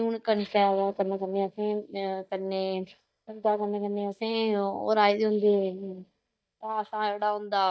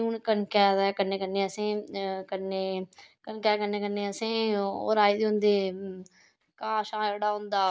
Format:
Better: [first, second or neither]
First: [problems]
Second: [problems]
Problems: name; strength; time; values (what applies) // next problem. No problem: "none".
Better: second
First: noise reduction (neural mask model DeepFilterNet 3)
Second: none